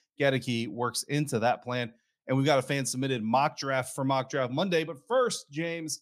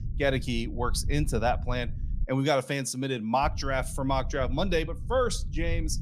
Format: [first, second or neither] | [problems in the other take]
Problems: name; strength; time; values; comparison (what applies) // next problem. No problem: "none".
first | low rumble; faint; until 2.5 s and from 3.5 s on; 25 dB below the speech